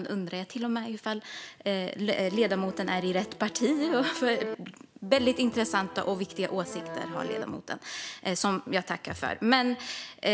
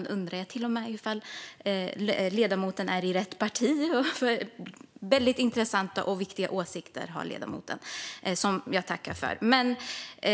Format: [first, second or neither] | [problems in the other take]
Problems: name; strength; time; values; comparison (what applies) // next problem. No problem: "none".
second | background sound (Accordion); 10 dB below the speech